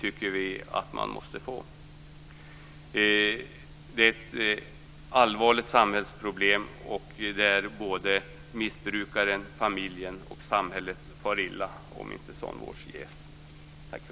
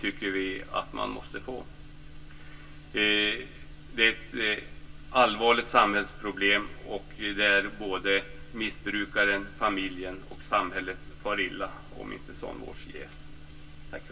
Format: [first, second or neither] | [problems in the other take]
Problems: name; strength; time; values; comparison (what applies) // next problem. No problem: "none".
first | room echo; dies away in 0.2 s